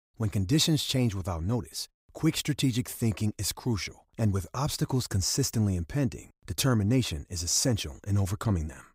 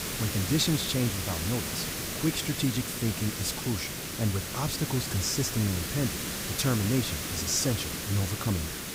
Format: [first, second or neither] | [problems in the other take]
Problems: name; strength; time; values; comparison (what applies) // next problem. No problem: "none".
first | hiss; loud; throughout; 2 dB below the speech